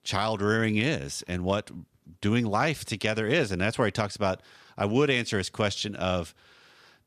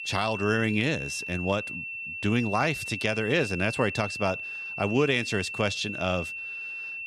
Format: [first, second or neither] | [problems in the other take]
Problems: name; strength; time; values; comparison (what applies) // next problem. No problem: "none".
first | high-pitched whine; loud; throughout; 2.5 kHz, 6 dB below the speech